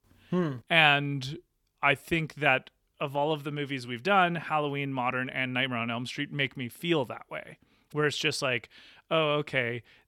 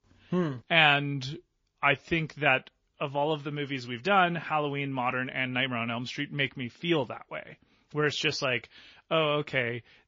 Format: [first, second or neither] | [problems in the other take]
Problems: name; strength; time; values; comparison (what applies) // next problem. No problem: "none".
first | garbled, watery; slightly; nothing above 6.5 kHz